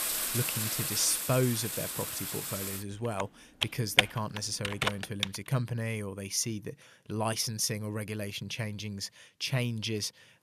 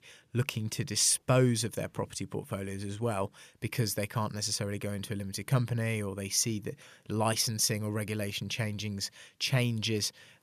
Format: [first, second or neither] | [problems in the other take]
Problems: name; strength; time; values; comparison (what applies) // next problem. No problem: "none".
second | household noises; very loud; until 5 s; 2 dB above the speech